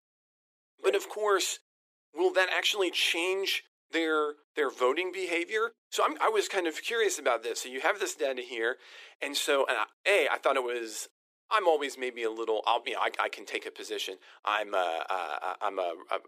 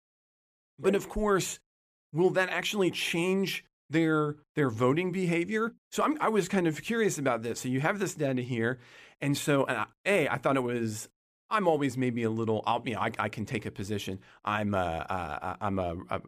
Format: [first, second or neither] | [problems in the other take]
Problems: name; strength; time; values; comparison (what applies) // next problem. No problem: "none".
second | thin; very; fading below 350 Hz